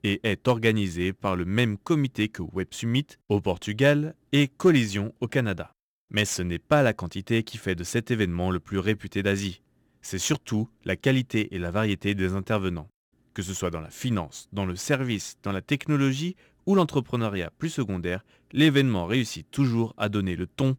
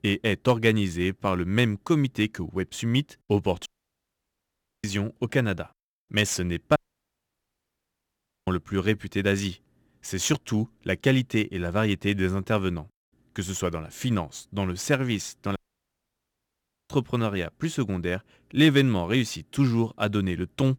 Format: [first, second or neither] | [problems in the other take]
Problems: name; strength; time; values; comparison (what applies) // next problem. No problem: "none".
first | audio cutting out; at 3.5 s for 1 s, at 7 s for 1.5 s and at 16 s for 1.5 s